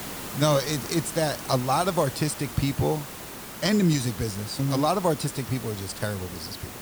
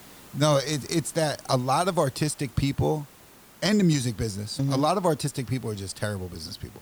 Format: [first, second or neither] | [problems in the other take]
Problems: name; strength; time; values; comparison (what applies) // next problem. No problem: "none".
second | hiss; loud; throughout; 10 dB below the speech; faint in the second